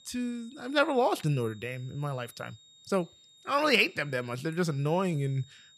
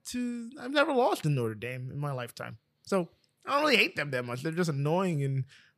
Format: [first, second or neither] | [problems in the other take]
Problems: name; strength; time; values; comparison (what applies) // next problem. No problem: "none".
second | high-pitched whine; faint; throughout; 3.5 kHz, 25 dB below the speech